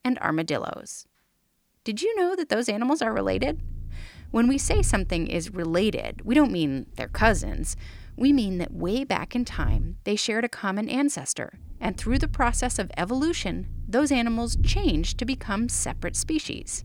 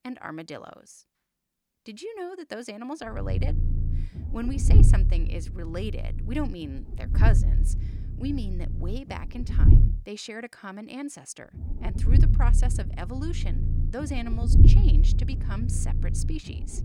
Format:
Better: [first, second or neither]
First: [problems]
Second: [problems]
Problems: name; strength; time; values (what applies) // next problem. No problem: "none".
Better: first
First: low rumble; faint; from 3 to 10 s and from 12 s on; 25 dB below the speech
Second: low rumble; loud; from 3 to 10 s and from 12 s on; 3 dB below the speech